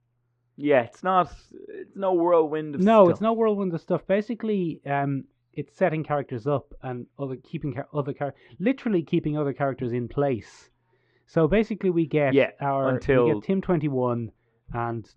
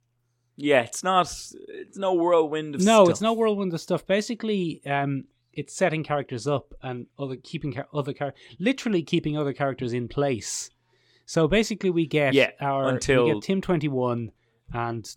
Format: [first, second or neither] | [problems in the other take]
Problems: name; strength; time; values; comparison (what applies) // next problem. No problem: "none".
second | muffled; very; fading above 2 kHz